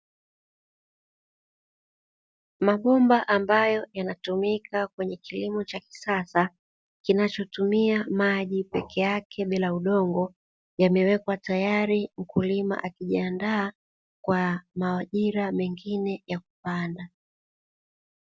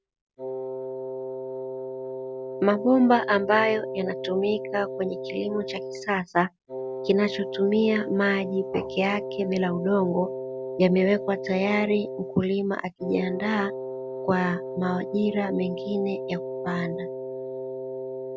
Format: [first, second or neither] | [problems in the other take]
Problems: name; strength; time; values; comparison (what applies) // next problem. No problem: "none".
first | background sound (Wind instrument, woodwind instrument); 7 dB below the speech